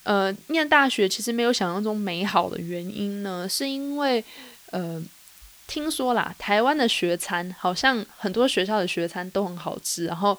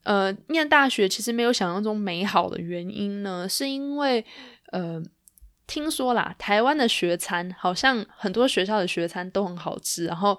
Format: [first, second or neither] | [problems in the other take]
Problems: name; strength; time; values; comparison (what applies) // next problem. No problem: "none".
second | hiss; faint; throughout; 25 dB below the speech